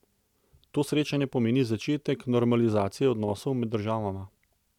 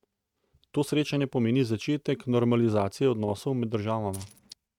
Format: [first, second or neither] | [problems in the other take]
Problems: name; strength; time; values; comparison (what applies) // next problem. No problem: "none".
first | noise reduction (neural mask model RNNoise)